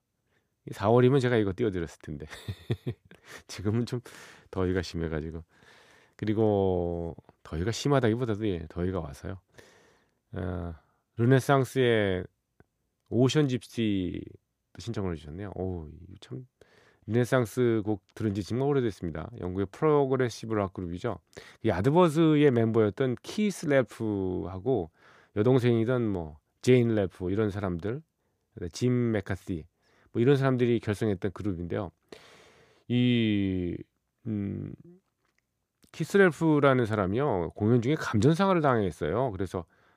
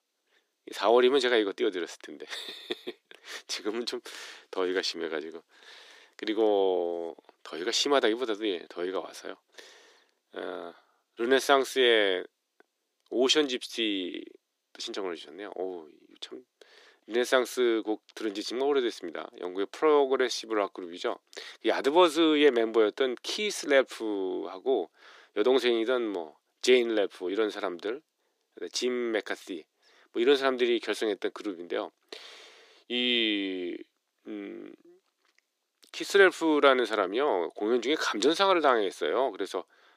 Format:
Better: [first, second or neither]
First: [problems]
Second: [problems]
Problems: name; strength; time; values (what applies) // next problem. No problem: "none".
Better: first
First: none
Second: thin; somewhat; fading below 300 Hz